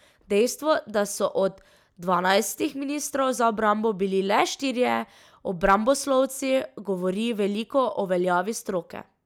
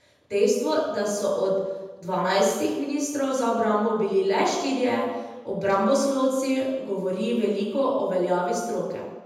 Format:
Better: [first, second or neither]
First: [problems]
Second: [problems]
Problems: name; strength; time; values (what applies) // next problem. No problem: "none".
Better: first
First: none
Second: room echo; dies away in 1 s